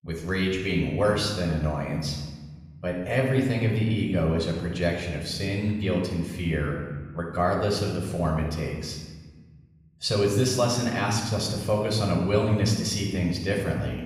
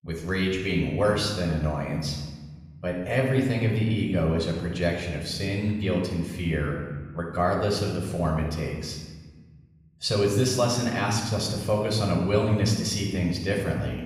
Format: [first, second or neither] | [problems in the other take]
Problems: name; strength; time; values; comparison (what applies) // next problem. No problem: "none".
neither | room echo; noticeable; dies away in 1.2 s; the same in both // off-mic speech; far; the same in both